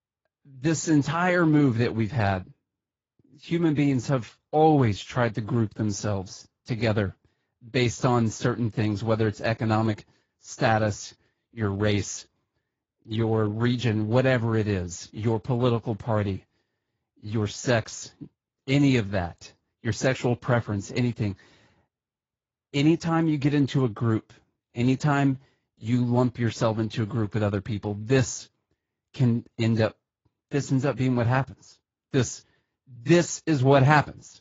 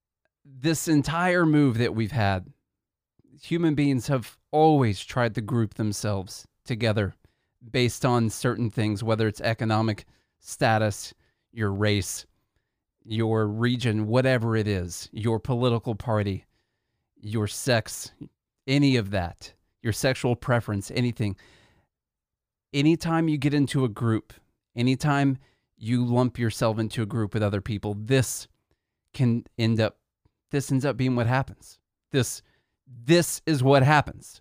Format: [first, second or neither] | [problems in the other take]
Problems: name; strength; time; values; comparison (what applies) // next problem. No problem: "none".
second | garbled, watery; badly; nothing above 7.5 kHz